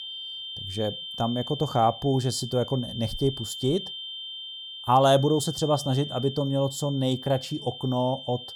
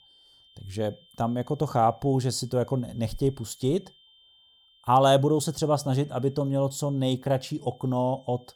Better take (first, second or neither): second